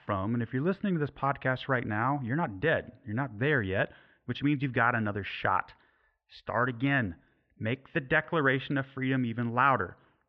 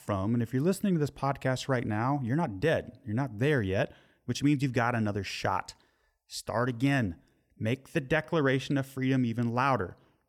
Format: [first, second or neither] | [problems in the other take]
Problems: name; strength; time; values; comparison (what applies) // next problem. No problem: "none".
second | muffled; very; fading above 3.5 kHz